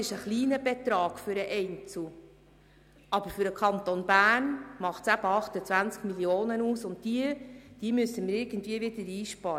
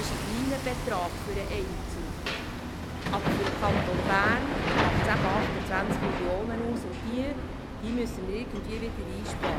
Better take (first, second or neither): first